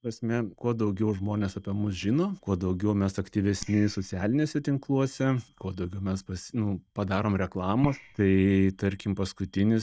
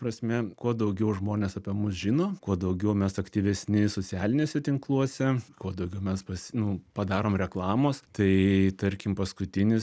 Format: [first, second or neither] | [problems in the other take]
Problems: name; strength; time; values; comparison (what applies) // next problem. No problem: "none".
second | noise reduction (neural mask model DeepFilterNet 3)